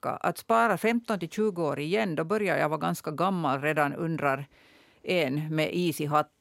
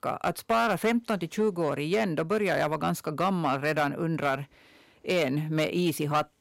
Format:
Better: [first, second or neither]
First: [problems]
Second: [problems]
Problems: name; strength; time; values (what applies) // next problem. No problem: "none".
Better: first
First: none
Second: distortion; slight; 4% of the sound clipped